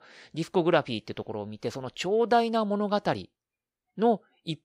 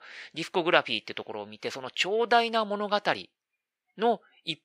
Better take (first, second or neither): first